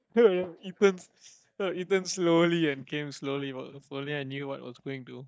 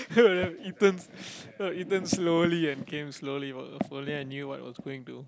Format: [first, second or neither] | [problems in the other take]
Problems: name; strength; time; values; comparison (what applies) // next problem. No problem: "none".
second | noise reduction (neural mask model DeepFilterNet 3)